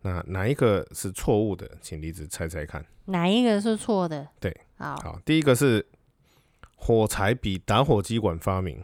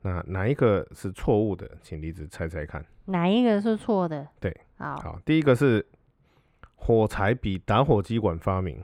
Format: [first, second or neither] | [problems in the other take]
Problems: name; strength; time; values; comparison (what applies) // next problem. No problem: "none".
first | muffled; slightly; fading above 4 kHz